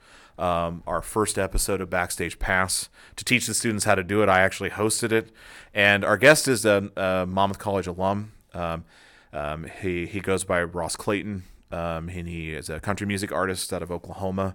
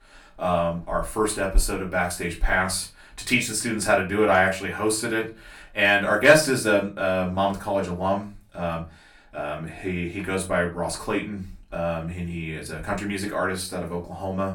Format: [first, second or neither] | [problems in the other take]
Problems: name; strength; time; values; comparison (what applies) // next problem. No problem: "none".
first | off-mic speech; far // room echo; very slight; dies away in 0.2 s